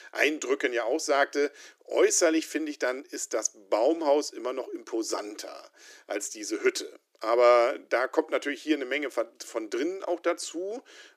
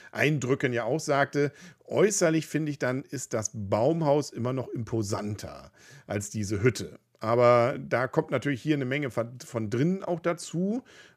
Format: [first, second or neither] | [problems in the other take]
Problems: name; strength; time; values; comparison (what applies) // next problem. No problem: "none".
second | thin; somewhat; fading below 300 Hz